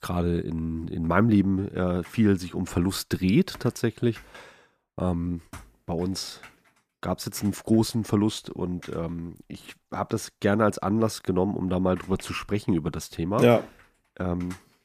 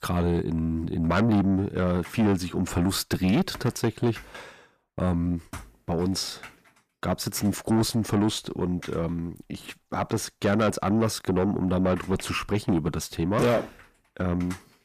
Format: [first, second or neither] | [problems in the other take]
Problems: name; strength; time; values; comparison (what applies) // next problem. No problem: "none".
first | distortion; heavy; 8 dB below the speech